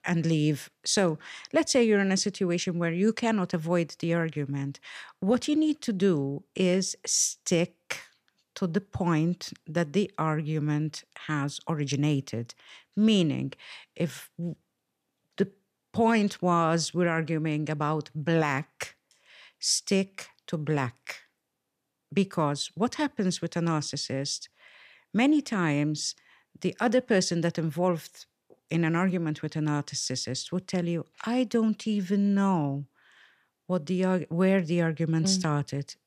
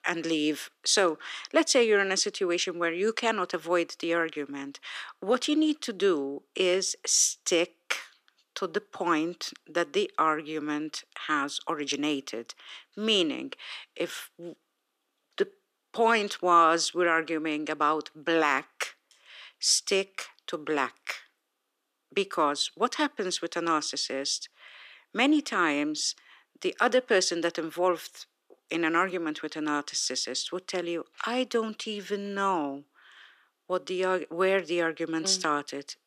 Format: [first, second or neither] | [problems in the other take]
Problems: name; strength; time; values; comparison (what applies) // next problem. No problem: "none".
first | thin; somewhat; fading below 300 Hz